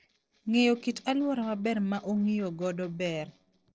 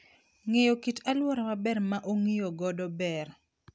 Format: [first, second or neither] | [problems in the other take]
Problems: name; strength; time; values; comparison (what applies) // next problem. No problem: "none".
second | noise reduction (neural separator model SepFormer DNS4)